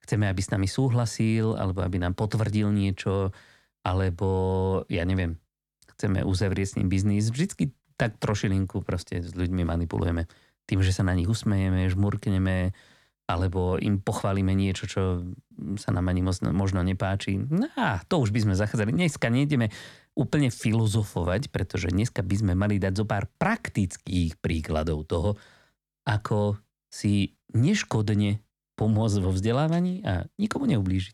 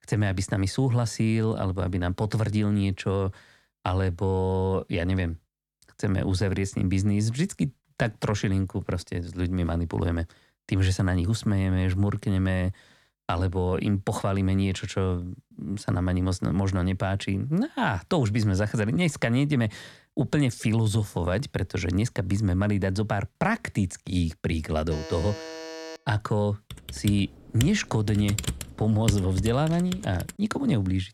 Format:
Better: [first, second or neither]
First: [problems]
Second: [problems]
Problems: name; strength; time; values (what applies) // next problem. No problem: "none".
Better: first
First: none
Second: alarm; faint; from 25 to 26 s; peak 10 dB below the speech // keyboard typing; noticeable; from 27 to 30 s; peak 4 dB below the speech